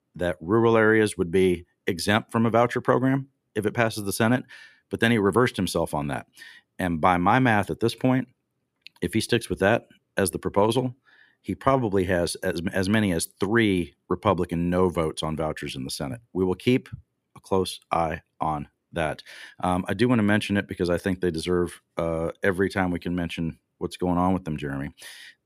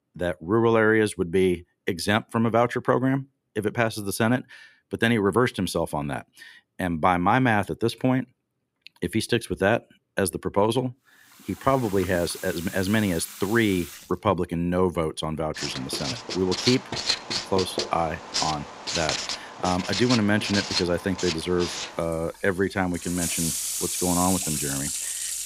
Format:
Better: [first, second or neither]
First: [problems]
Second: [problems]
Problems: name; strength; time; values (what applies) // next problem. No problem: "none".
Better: first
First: none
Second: household noises; loud; from 12 s on; 4 dB below the speech